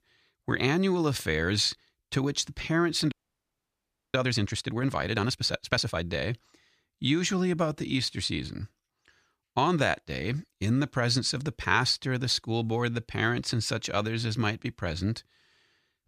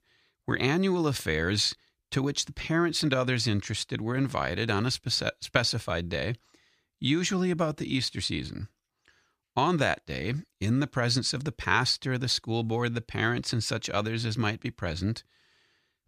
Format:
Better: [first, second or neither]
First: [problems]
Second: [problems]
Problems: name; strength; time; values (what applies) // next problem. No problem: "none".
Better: second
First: audio freezing; at 3 s for 1 s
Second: none